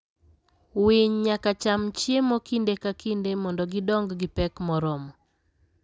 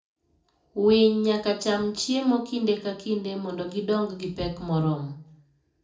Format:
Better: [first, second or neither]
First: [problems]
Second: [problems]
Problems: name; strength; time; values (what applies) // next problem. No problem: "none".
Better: first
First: none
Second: room echo; dies away in 0.4 s